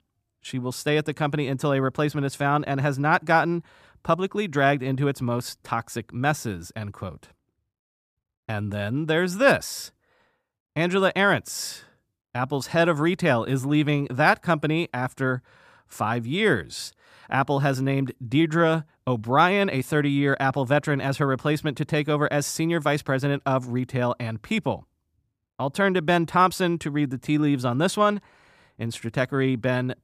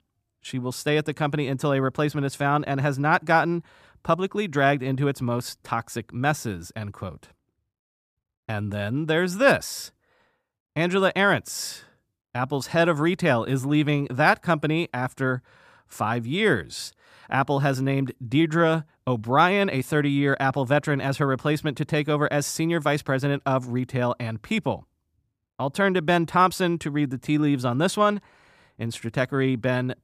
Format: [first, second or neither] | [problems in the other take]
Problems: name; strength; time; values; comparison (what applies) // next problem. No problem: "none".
neither | none